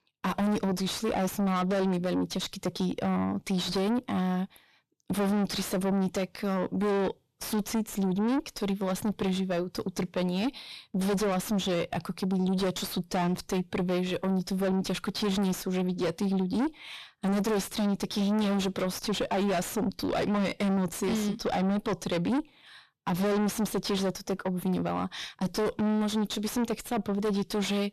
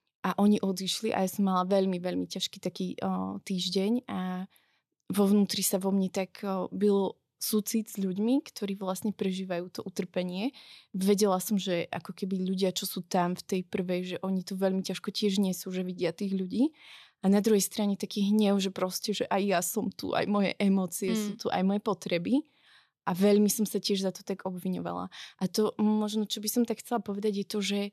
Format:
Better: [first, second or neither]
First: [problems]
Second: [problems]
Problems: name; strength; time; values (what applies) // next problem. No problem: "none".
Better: second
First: distortion; heavy; 5 dB below the speech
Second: none